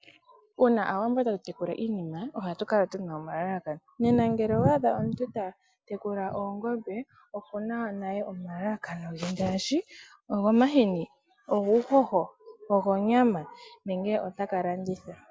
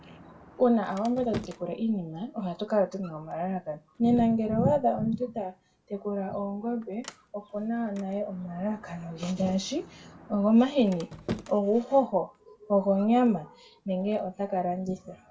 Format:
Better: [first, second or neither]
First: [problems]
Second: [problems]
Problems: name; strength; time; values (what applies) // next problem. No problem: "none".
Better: first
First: none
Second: background sound (Sliding door); 18 dB below the speech // room echo; dies away in 0.2 s